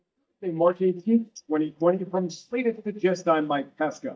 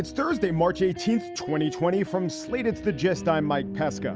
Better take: second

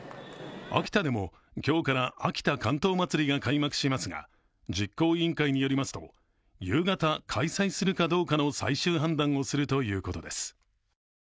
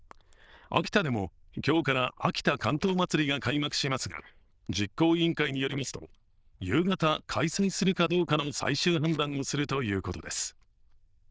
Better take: first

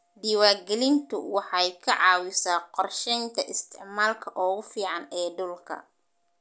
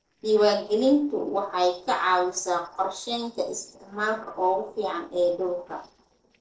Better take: first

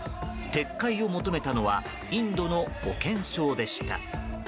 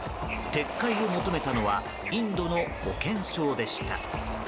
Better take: first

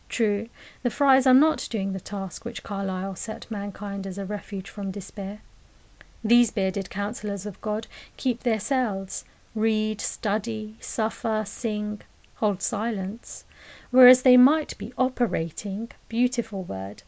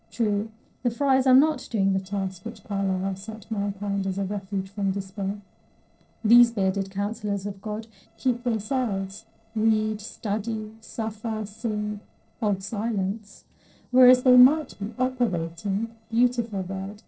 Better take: first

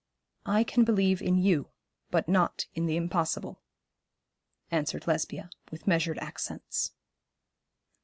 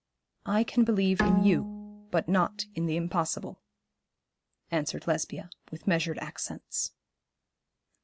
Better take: first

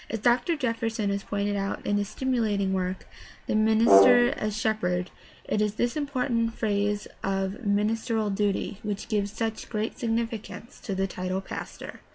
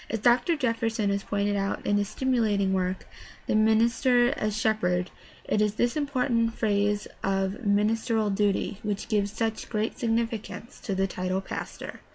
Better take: second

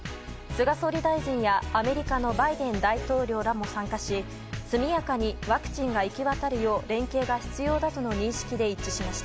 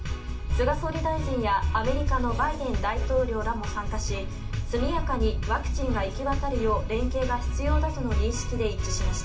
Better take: first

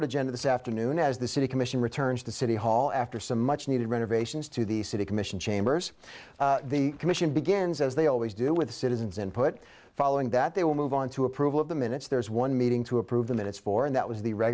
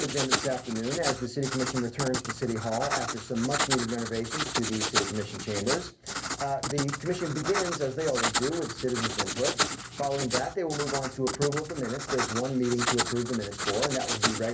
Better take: first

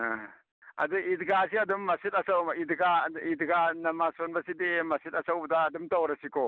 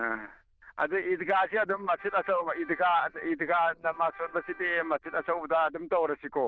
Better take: first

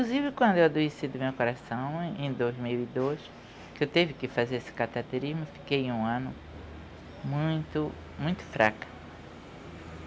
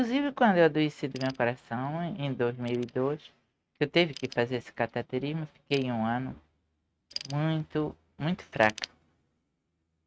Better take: first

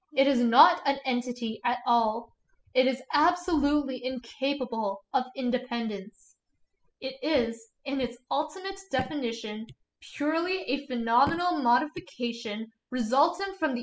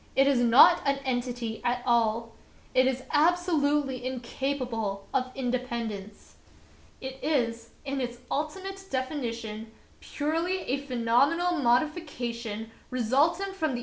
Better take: second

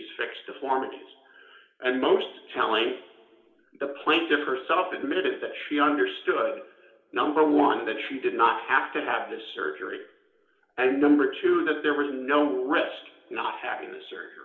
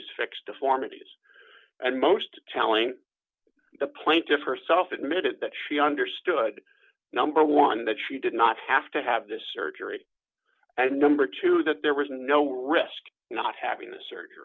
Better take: second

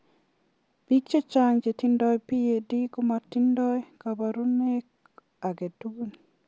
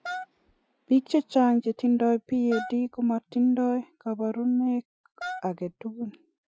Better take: first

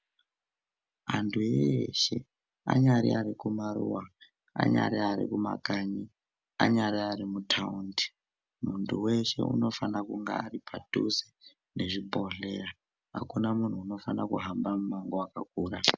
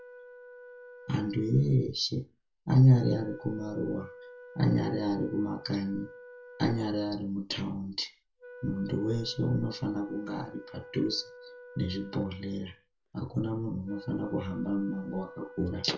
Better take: first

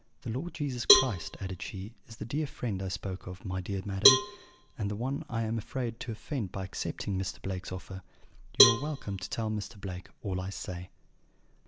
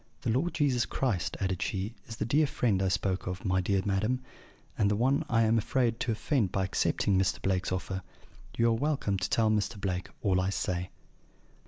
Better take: second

